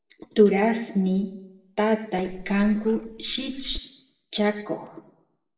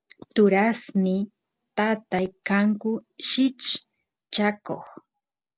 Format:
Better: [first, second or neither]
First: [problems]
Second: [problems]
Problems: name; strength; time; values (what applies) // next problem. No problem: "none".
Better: second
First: background sound (Meow); 14 dB below the speech // room echo; dies away in 0.8 s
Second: none